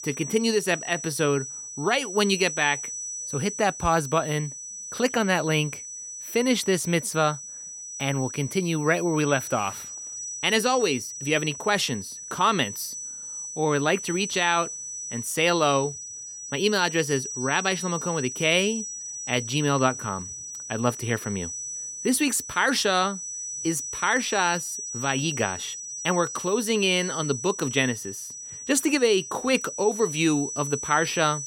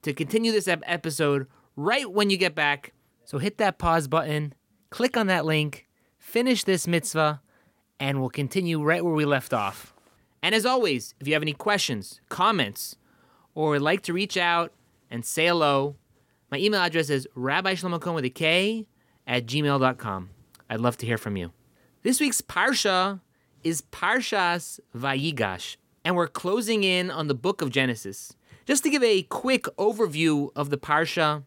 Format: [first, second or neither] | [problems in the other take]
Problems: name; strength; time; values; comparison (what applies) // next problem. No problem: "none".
second | high-pitched whine; loud; throughout; 6 kHz, 8 dB below the speech